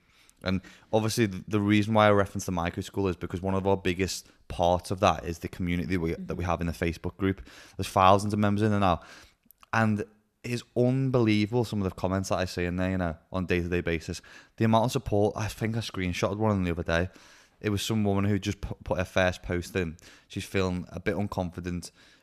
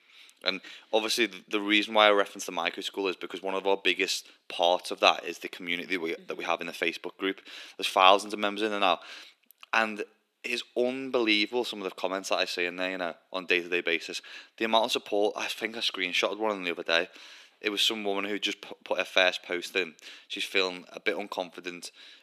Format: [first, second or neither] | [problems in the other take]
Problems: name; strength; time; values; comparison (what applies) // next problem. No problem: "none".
first | thin; somewhat; fading below 300 Hz